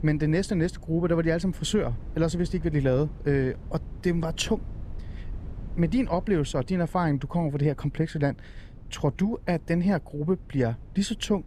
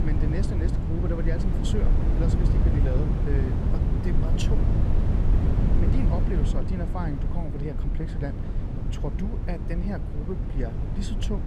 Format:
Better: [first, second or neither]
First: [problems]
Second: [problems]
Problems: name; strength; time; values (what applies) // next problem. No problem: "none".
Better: first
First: wind noise on the microphone; occasional gusts; 25 dB below the speech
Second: wind noise on the microphone; heavy; as loud as the speech